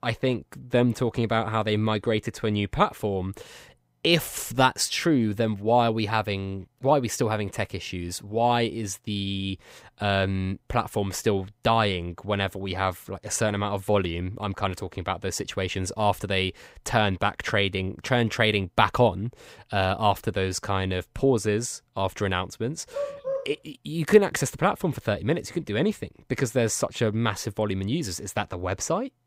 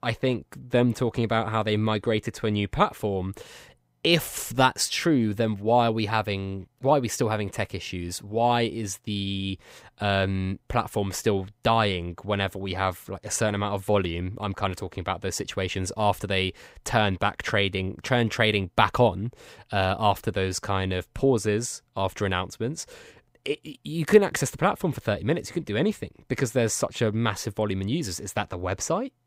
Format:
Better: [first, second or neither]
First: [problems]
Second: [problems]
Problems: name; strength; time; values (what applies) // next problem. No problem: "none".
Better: second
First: dog barking; noticeable; at 23 s; peak 5 dB below the speech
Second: none